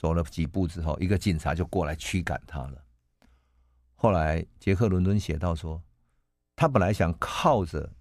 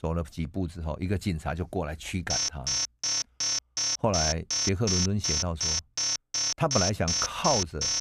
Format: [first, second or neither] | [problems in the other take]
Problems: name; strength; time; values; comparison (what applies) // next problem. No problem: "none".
first | alarm; loud; from 2.5 s on; peak 4 dB above the speech